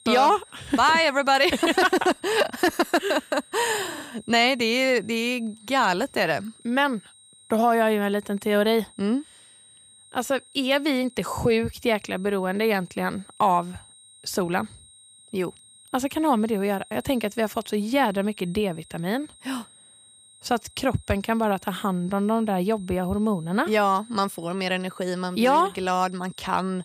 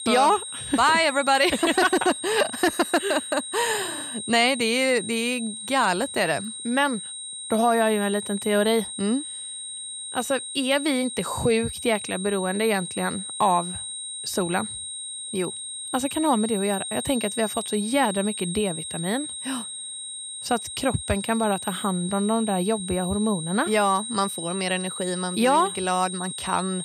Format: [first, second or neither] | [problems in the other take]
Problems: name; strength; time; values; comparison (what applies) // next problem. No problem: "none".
first | high-pitched whine; loud; throughout; 8.5 kHz, 7 dB below the speech; faint in the first